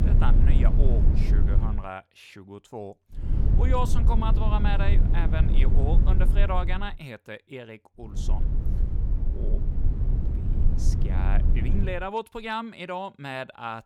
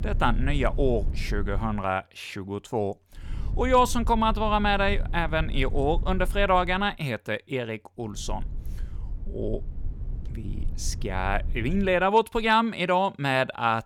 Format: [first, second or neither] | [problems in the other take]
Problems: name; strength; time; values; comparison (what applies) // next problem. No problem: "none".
second | low rumble; loud; until 1.5 s, from 3.5 to 7 s and from 8 to 12 s; 6 dB below the speech; faint in the second